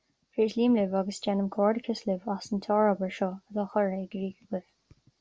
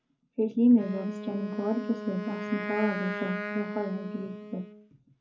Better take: first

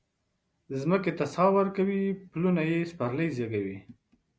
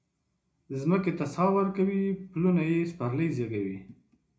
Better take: first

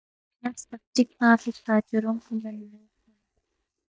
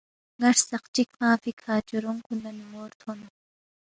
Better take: second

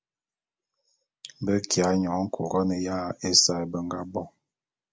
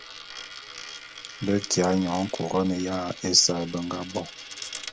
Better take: first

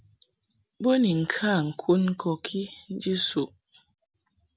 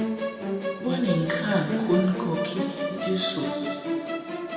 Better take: first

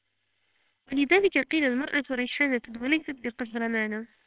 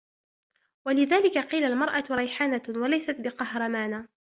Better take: second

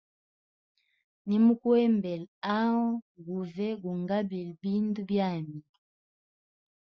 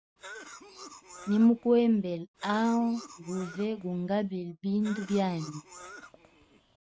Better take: first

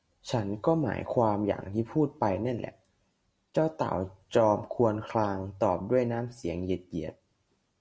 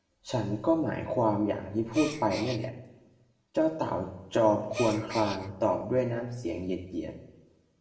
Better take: first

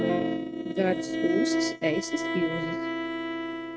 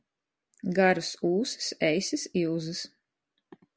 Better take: second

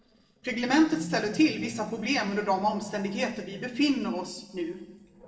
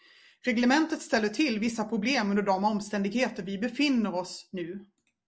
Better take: second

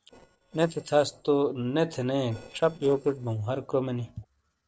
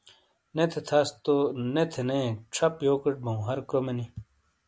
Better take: second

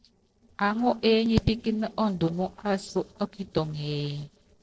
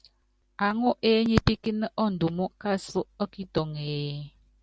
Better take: second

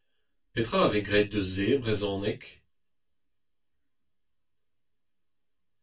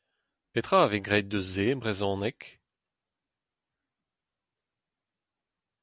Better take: second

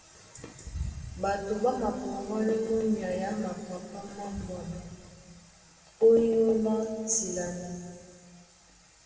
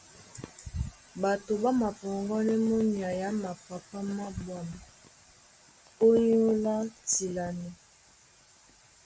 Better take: second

